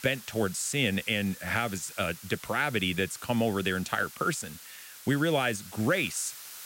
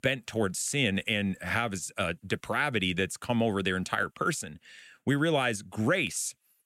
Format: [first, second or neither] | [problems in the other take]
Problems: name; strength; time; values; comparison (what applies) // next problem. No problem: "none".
second | hiss; noticeable; throughout; 15 dB below the speech